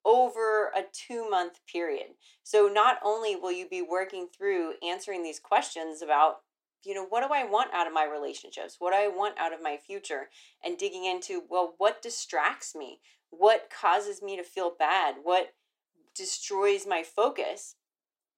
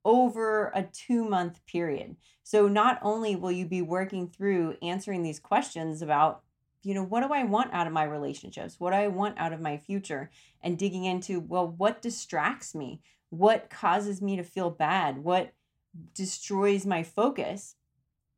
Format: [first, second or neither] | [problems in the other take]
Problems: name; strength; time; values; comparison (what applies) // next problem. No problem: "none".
second | thin; very; fading below 350 Hz